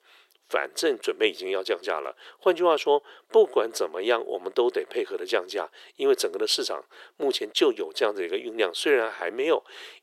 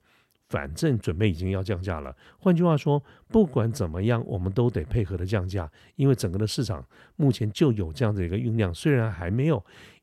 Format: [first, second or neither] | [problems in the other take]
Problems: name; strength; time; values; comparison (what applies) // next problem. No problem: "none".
second | thin; very; fading below 400 Hz